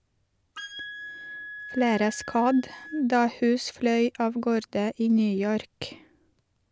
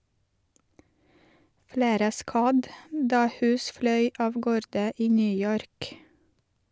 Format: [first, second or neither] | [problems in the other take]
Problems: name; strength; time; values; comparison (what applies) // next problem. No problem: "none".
second | background sound (Wind instrument, woodwind instrument); 15 dB below the speech